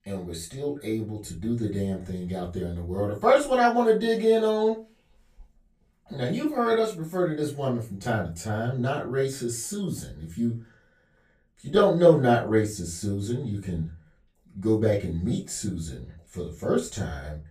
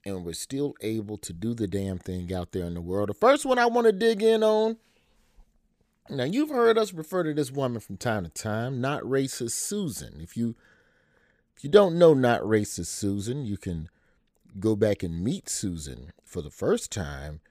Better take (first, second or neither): second